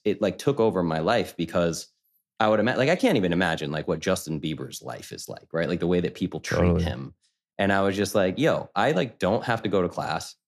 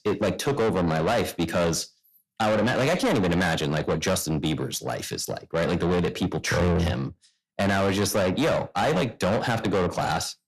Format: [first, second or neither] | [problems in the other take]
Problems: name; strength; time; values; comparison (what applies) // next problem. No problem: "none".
first | distortion; heavy; 6 dB below the speech